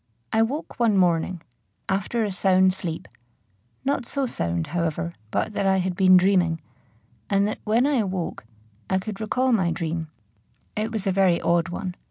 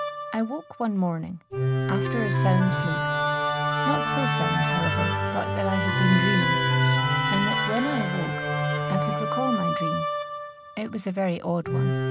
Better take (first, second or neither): first